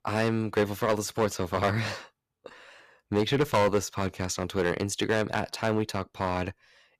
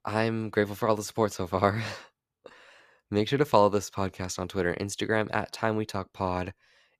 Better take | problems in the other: second | distortion; heavy; 4% of the sound clipped

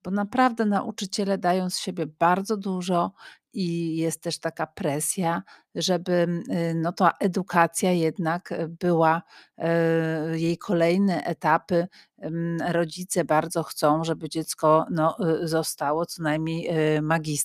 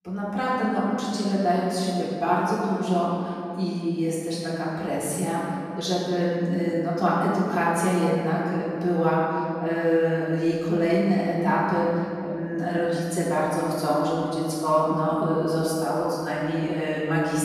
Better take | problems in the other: first | off-mic speech; far // room echo; strong; dies away in 2.6 s

